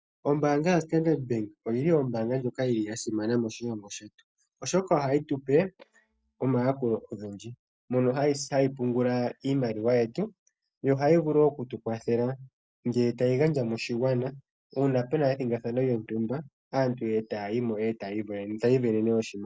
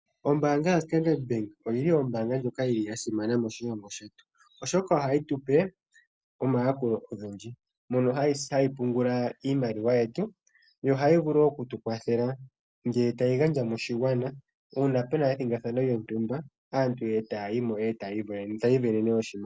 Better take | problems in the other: second | noise reduction (neural mask model DeepFilterNet 3)

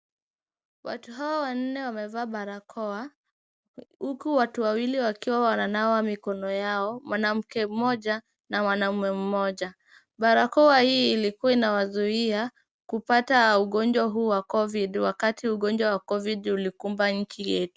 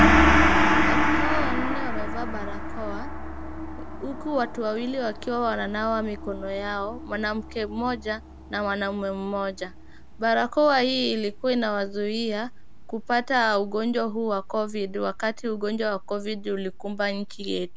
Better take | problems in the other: first | background sound (Gong); as loud as the speech

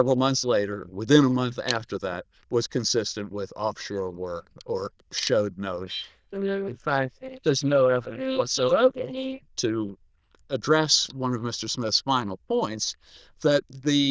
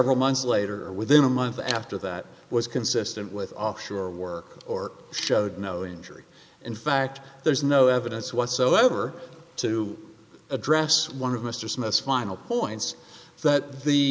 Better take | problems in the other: second | noise reduction (neural diffusion model UNIVERSE++)

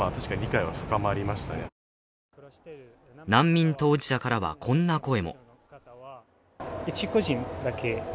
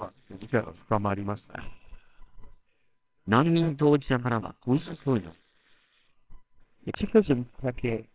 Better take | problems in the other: first | noise reduction (neural separator model SepFormer WHAMR!)

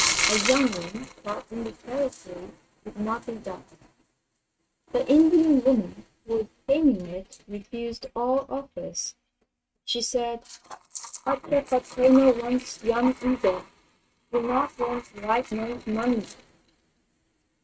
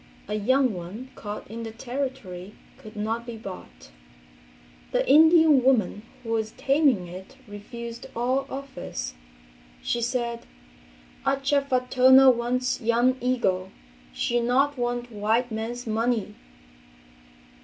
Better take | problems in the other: second | noise reduction (neural mask model RNNoise)

